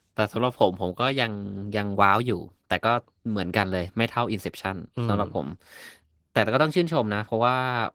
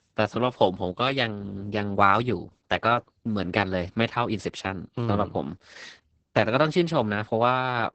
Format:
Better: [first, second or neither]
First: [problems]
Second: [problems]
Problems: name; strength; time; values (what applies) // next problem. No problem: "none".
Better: first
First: garbled, watery; slightly; nothing above 18.5 kHz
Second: garbled, watery; badly; nothing above 8 kHz